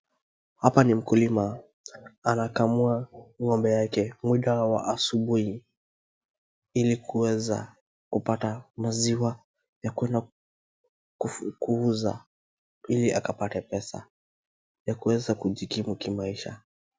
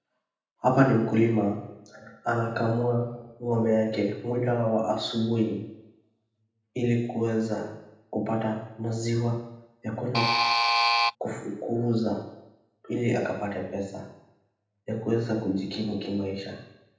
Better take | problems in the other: first | background sound (Alarm); 5 dB above the speech // room echo; dies away in 0.8 s

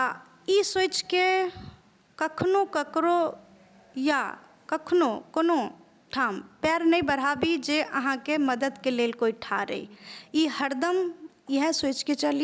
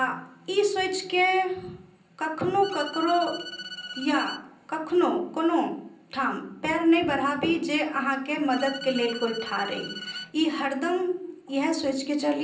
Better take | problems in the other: first | background sound (Bowed string instrument); 13 dB below the speech // room echo; dies away in 0.6 s

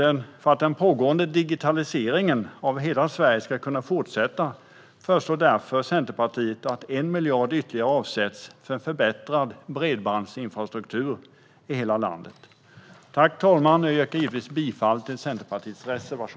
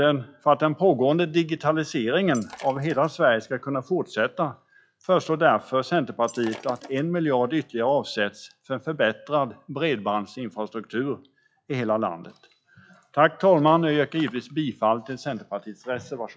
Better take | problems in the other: first | noise reduction (classical method log-MMSE)

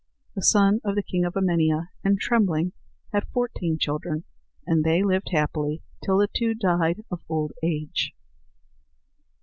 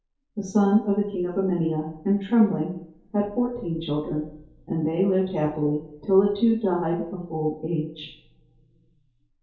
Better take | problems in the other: first | room echo; dies away in 2.4 s

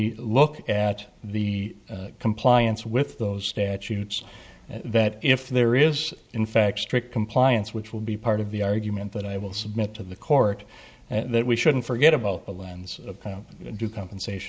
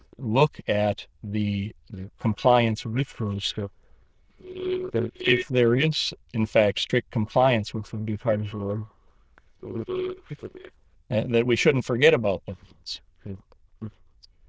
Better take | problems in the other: first | noise reduction (neural diffusion model UNIVERSE++)

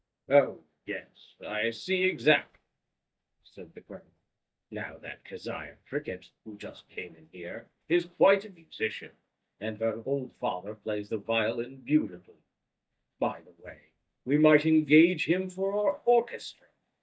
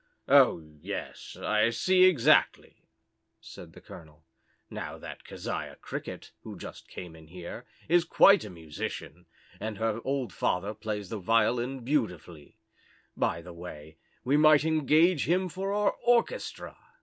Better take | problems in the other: second | noise reduction (neural mask model DeepFilterNet 3)

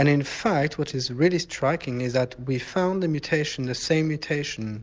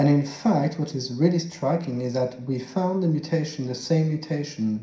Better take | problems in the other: first | room echo; dies away in 0.5 s

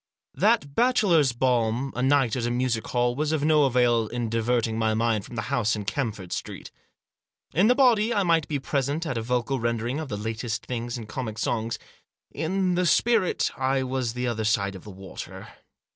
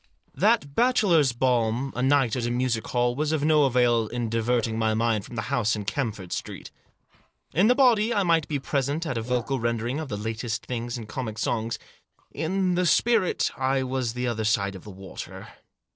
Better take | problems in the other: first | noise reduction (neural separator model SepFormer DNS4)

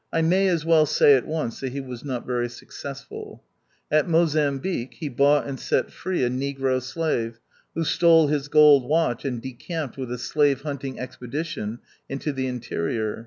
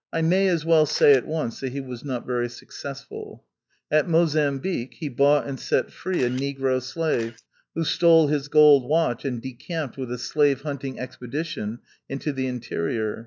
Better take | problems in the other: first | noise reduction (neural mask model DeepFilterNet 3)

